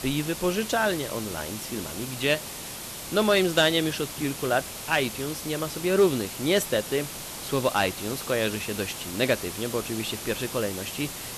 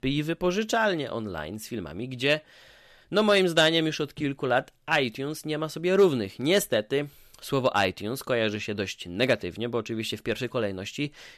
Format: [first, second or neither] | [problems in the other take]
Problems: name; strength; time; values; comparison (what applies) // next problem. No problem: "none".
second | hiss; loud; throughout; 8 dB below the speech